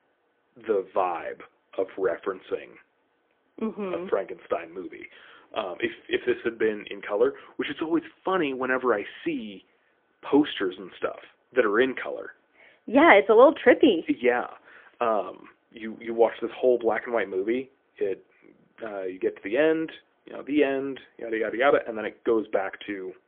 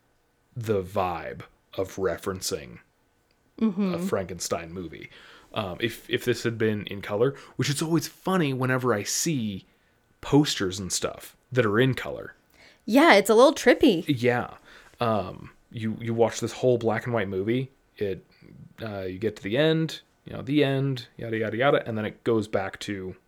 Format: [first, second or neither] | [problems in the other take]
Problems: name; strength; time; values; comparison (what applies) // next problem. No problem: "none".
second | phone-call audio; poor line; nothing above 3.5 kHz